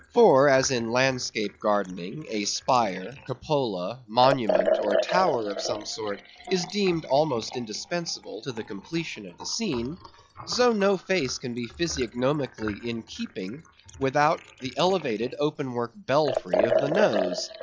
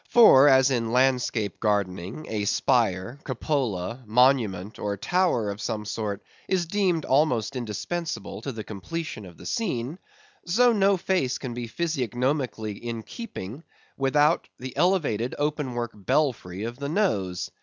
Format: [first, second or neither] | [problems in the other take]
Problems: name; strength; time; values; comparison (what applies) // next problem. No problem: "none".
second | noise reduction (classical method log-MMSE)